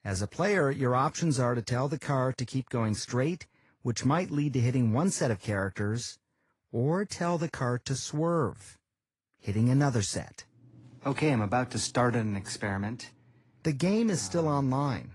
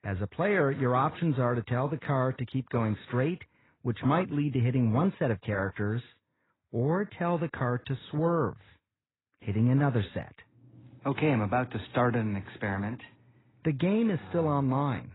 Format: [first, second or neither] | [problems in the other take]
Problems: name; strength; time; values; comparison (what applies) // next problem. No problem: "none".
first | garbled, watery; badly; nothing above 4 kHz; slightly in the first